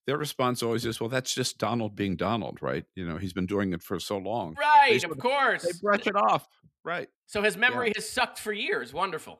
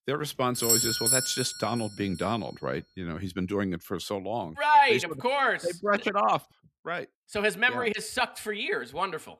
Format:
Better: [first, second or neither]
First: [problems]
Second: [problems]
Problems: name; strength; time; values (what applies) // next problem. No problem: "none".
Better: first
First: none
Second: doorbell; loud; at 0.5 s; peak 5 dB above the speech